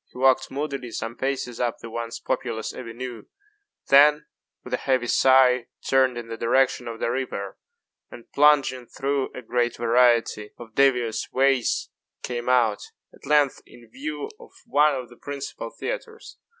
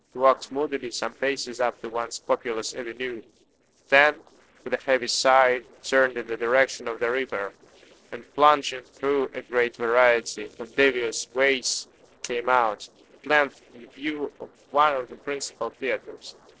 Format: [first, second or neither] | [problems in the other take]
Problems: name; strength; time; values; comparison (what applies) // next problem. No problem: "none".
first | noise reduction (neural separator model SepFormer DNS4)